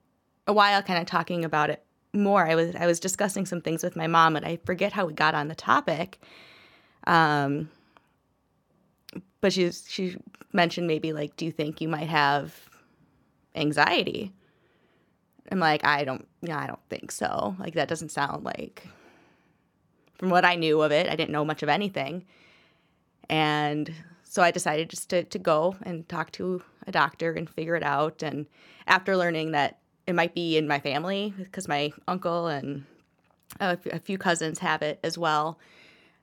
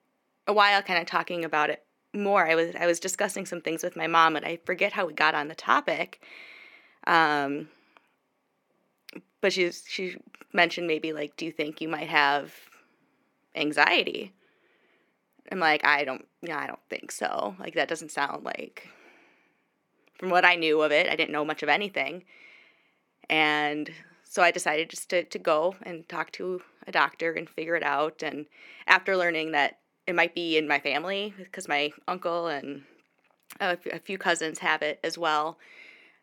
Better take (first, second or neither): first